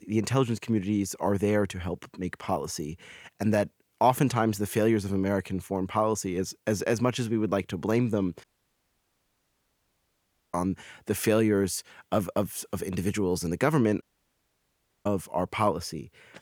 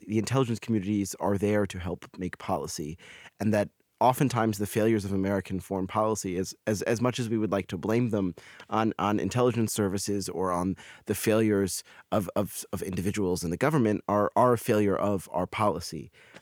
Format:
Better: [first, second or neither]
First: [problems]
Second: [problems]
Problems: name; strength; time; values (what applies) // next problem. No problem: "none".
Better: second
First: audio cutting out; at 8.5 s for 2 s and at 14 s for 1 s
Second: none